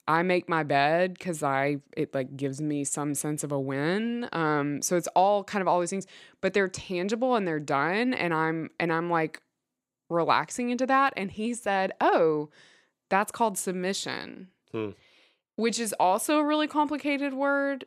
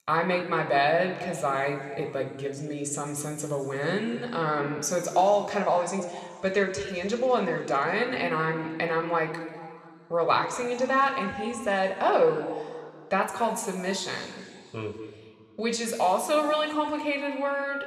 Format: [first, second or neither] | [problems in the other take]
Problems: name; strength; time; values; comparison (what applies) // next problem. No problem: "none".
first | room echo; slight; dies away in 2 s